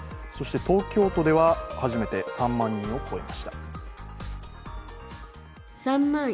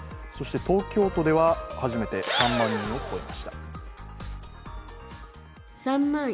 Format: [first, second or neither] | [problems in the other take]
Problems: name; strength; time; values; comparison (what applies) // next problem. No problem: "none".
first | background sound (Engine / Drill); 2 dB below the speech